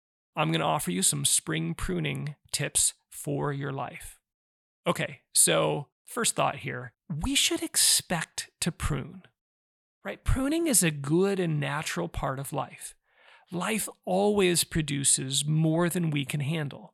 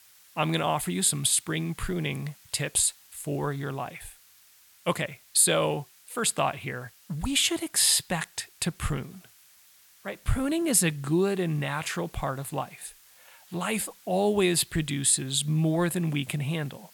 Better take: first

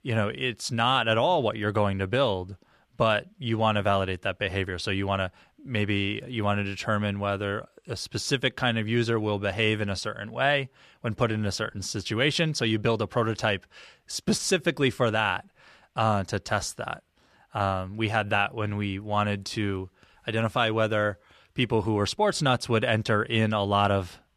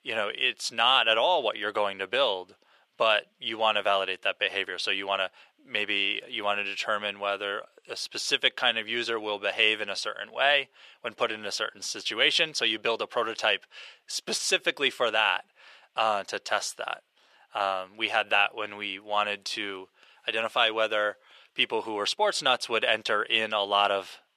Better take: first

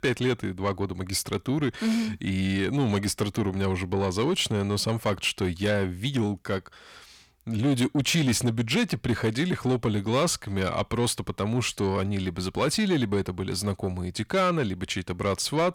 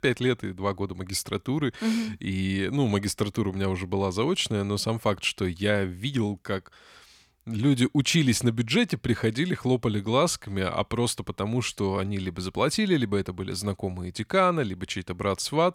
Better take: second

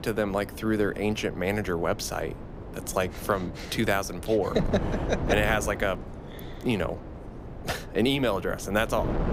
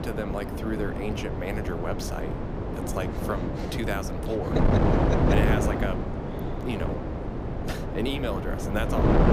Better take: first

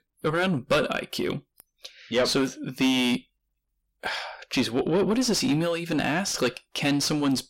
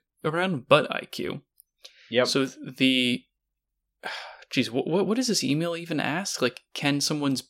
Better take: second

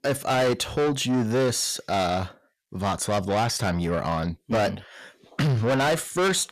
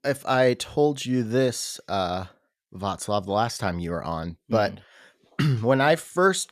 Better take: second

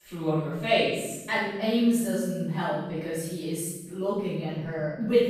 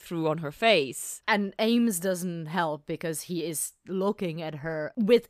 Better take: second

